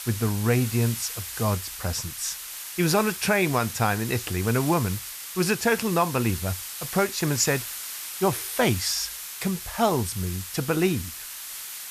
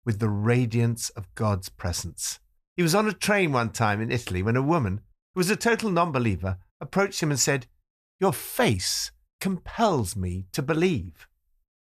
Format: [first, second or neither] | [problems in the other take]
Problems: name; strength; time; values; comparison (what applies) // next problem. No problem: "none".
second | hiss; loud; throughout; 8 dB below the speech